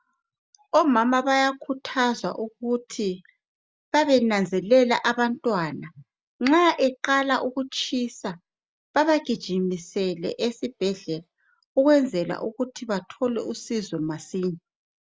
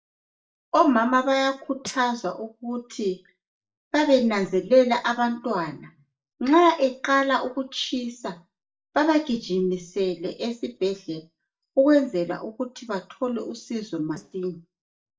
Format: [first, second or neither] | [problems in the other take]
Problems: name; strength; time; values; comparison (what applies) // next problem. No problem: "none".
first | noise reduction (neural mask model DeepFilterNet 3)